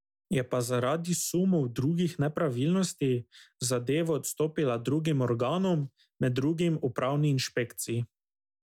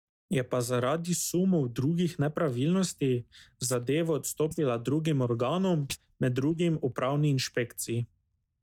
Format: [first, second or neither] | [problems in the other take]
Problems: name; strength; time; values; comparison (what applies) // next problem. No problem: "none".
first | noise reduction (neural mask model DeepFilterNet 3)